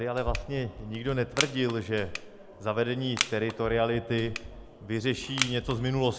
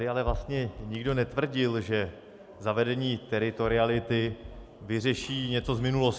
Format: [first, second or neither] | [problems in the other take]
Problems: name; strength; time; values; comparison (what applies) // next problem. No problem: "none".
second | background sound (Crushing); 8 dB below the speech